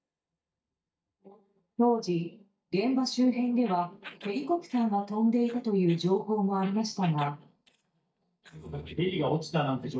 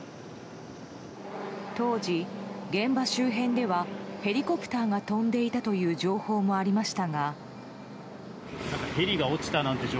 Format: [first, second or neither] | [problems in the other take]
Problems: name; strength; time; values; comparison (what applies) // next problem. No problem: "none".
second | noise reduction (neural mask model DeepFilterNet 3)